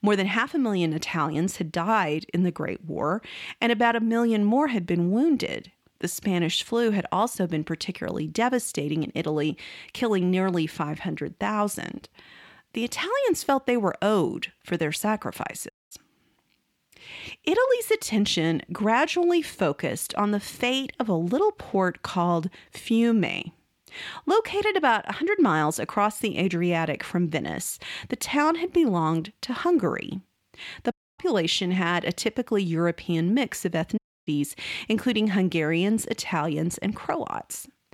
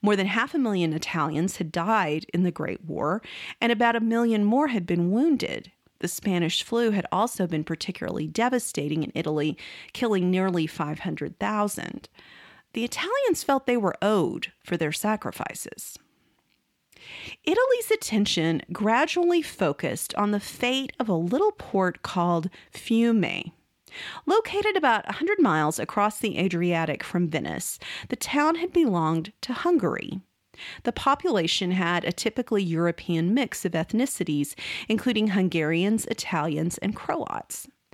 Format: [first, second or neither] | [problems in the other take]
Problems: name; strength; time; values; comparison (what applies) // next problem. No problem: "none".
second | audio cutting out; at 16 s, at 31 s and at 34 s